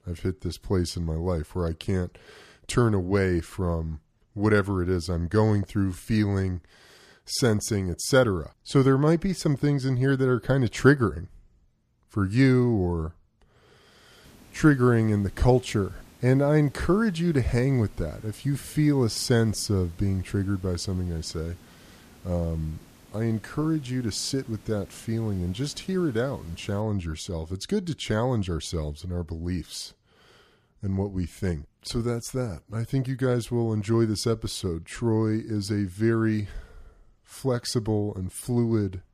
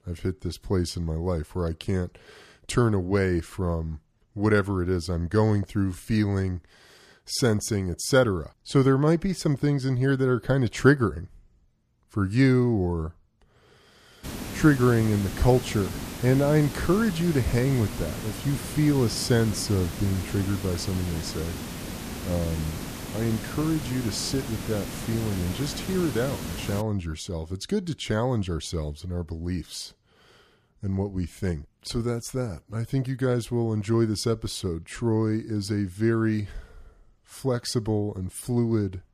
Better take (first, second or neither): first